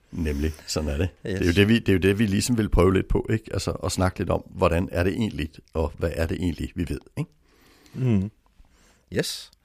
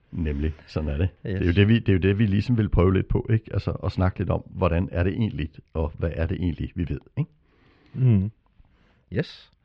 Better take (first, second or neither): first